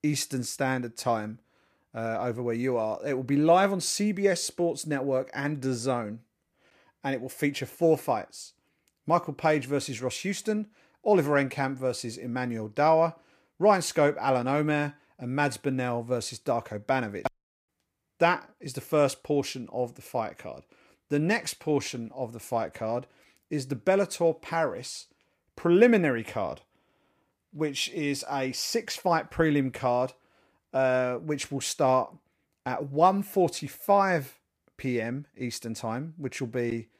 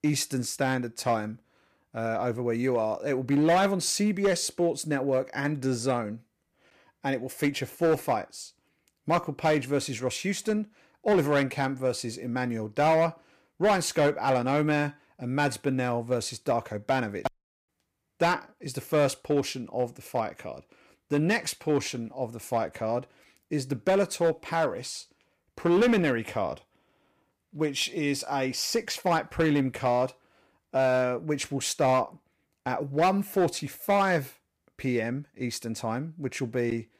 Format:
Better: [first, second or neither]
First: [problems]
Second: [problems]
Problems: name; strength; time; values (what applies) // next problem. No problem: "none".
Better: first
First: none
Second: distortion; slight; 4% of the sound clipped